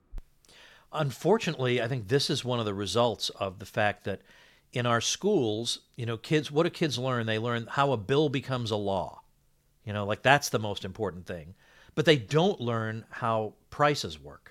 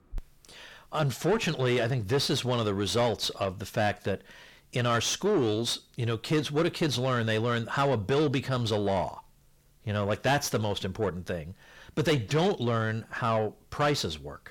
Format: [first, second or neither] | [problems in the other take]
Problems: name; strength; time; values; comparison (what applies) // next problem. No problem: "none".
first | distortion; heavy; 8 dB below the speech